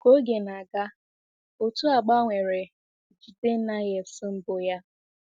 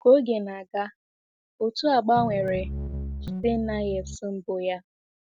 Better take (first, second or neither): first